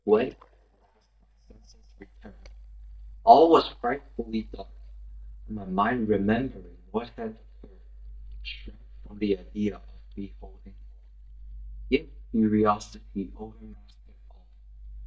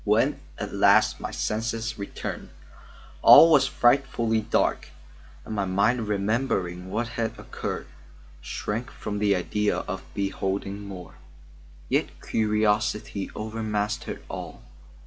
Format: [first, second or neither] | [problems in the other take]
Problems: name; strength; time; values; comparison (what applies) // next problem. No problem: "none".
second | noise reduction (neural mask model DeepFilterNet 3)